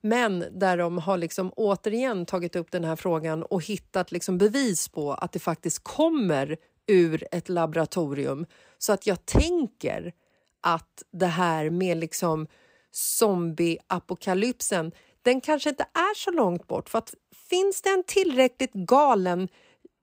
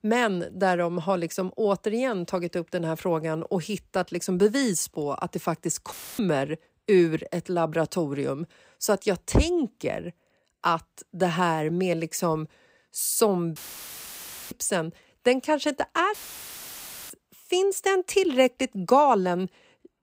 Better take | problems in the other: first | audio cutting out; filled with static; at 6 s, at 14 s for 1 s and at 16 s for 1 s

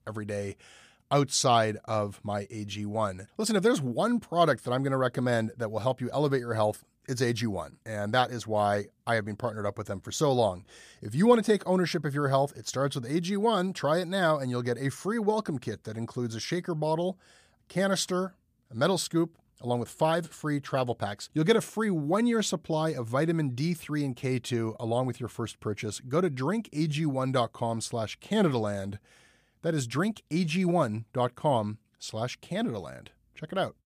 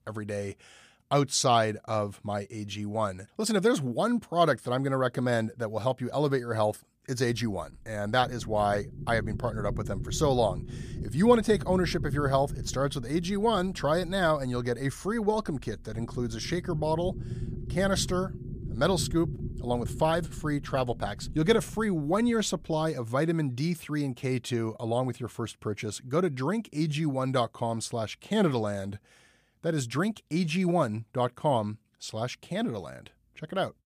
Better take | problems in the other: first | low rumble; noticeable; from 7 to 23 s; 20 dB below the speech

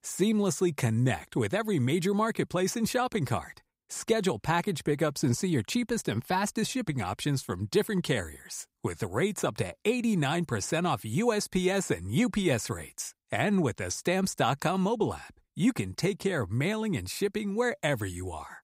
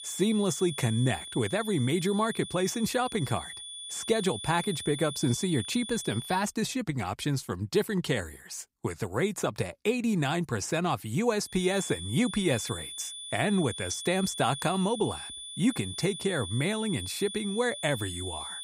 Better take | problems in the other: first | high-pitched whine; loud; until 6.5 s and from 12 s on; 3.5 kHz, 9 dB below the speech

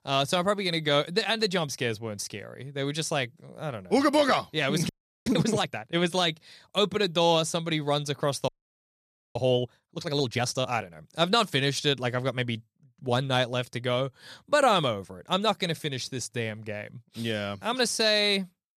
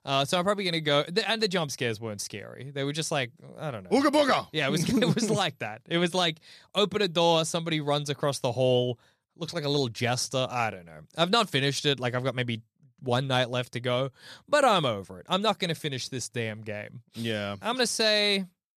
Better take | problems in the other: second | audio freezing; at 5 s and at 8.5 s for 1 s

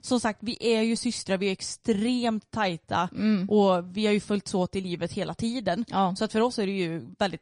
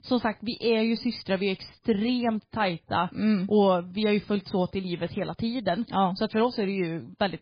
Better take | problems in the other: first | garbled, watery; badly; nothing above 4 kHz; slightly in the first

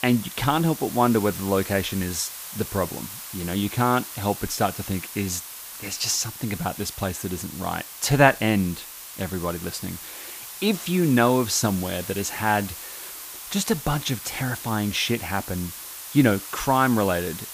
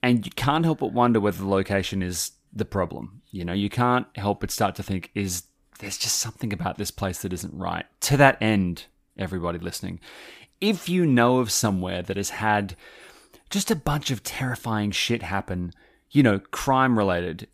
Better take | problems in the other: second | hiss; noticeable; throughout; 10 dB below the speech

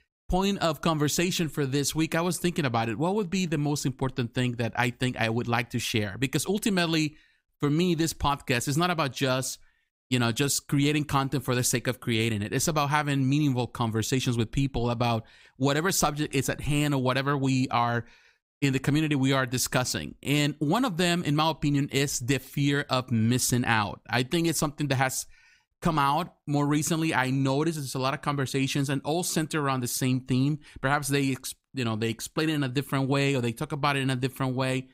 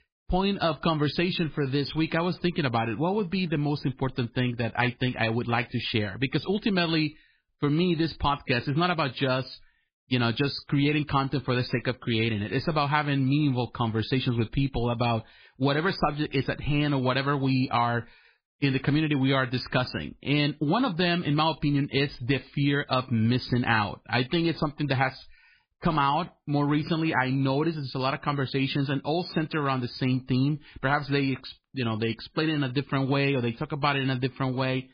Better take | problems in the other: first | garbled, watery; badly; nothing above 4.5 kHz

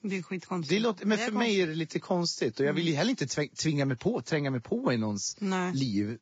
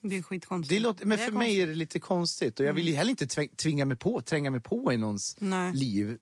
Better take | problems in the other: second | garbled, watery; badly; nothing above 7.5 kHz; slightly in the second

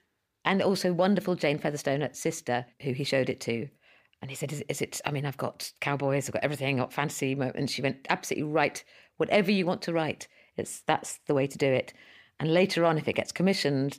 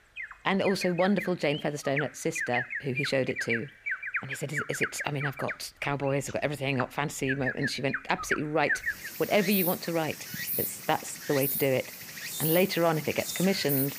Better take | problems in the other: first | animal sounds; loud; throughout; 4 dB below the speech

